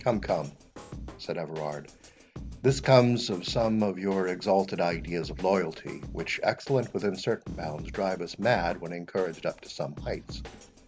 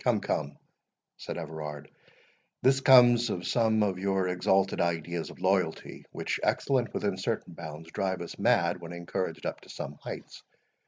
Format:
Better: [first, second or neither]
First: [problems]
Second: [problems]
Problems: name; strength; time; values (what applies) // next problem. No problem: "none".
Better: second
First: background sound (Drum kit); 15 dB below the speech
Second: none